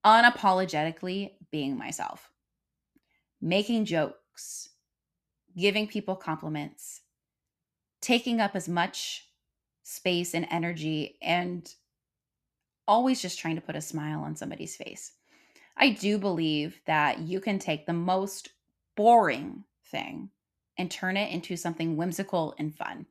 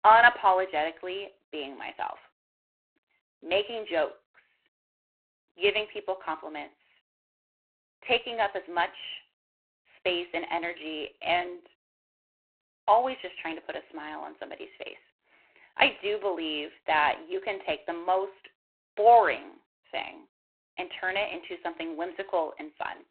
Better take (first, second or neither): first